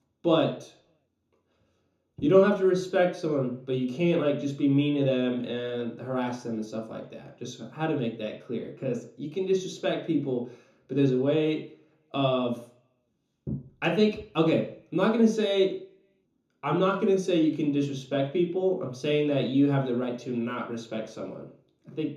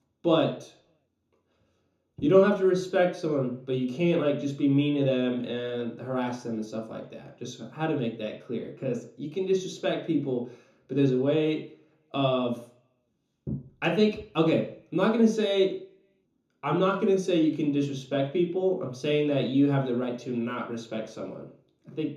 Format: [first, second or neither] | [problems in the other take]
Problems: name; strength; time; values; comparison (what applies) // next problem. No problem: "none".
neither | room echo; slight; dies away in 0.6 s; the same in both // off-mic speech; far; the same in both